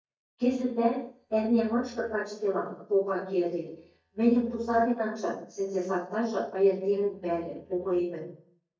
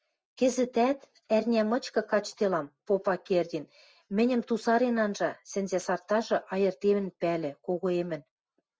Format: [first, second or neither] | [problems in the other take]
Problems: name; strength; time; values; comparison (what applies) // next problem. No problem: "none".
second | noise reduction (neural mask model DeepFilterNet 3)